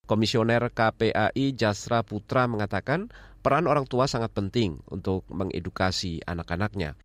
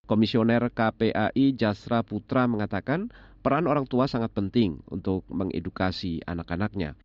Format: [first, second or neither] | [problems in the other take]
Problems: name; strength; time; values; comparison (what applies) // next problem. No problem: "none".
first | muffled; very slightly; fading above 4 kHz